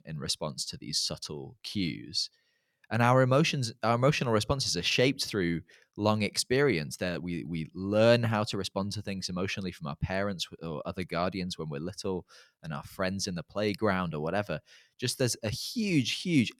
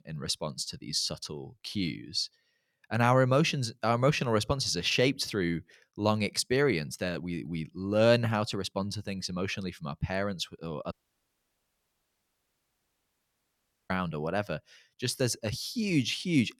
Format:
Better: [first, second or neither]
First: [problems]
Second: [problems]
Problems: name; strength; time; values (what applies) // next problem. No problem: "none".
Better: first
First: none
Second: audio cutting out; at 11 s for 3 s